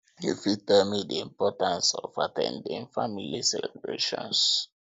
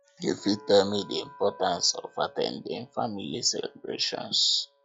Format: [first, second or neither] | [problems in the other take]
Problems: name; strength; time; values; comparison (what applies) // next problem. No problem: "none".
first | noise reduction (classical method log-MMSE)